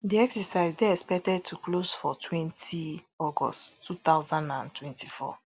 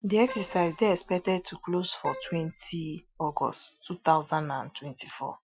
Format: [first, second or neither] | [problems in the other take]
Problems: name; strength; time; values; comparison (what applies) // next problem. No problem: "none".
first | noise reduction (classical method Wiener filter)